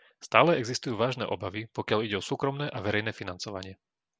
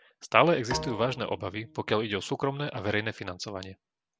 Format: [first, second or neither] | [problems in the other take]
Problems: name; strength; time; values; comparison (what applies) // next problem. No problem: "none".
first | background sound (Bowed string instrument); 13 dB below the speech